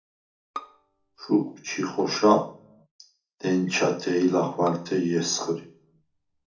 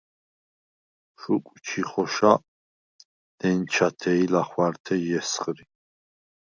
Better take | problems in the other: second | background sound (Bowed string instrument); 19 dB below the speech // room echo; dies away in 0.4 s

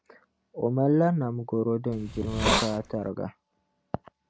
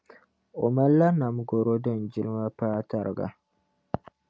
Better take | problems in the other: second | background sound (Hiss); as loud as the speech

